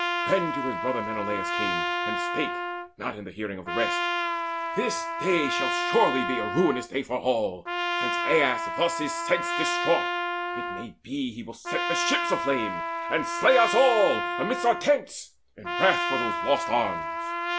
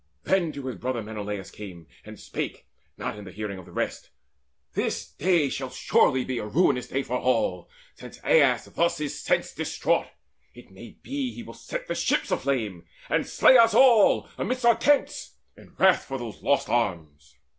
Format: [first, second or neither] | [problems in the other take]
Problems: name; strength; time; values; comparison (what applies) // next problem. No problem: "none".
second | background sound (Trumpet); 2 dB below the speech